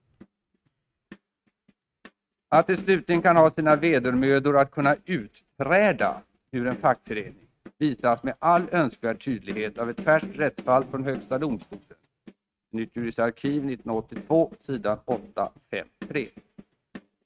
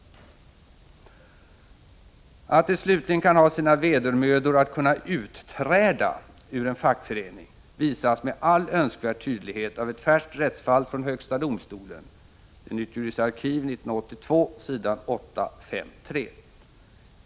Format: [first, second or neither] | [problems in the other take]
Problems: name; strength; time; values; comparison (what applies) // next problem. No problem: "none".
second | noise reduction (neural mask model RNNoise)